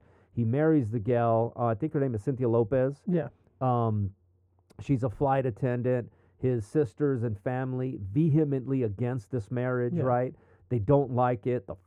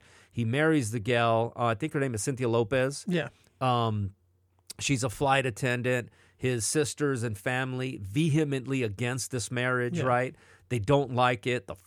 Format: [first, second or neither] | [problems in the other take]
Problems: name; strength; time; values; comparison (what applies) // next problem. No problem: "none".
second | muffled; very; fading above 2 kHz